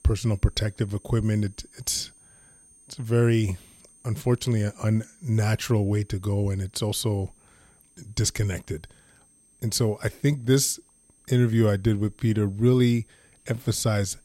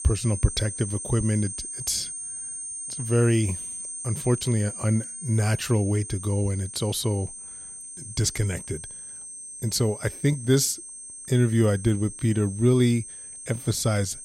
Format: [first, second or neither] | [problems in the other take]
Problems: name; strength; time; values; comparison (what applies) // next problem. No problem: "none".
first | high-pitched whine; loud; throughout; 8.5 kHz, 9 dB below the speech; faint in the first